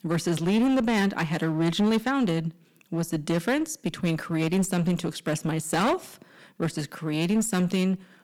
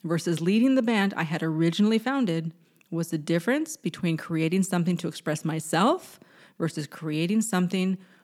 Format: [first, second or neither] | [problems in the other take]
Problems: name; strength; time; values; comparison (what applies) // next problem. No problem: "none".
second | distortion; slight; 15% of the sound clipped